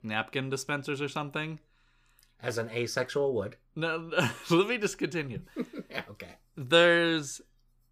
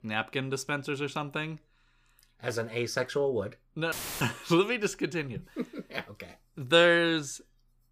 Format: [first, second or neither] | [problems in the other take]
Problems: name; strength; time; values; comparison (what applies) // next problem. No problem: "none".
first | audio cutting out; filled with static; at 4 s